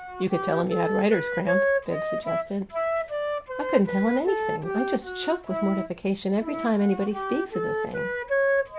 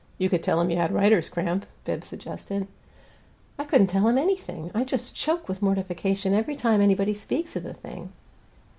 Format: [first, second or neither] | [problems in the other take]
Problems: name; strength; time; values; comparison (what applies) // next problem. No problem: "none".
second | background sound (Wind instrument, woodwind instrument); 1 dB below the speech